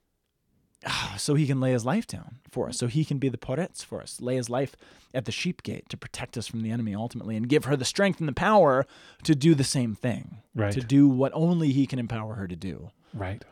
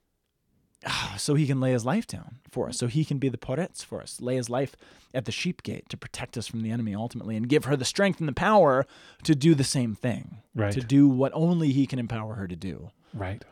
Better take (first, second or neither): neither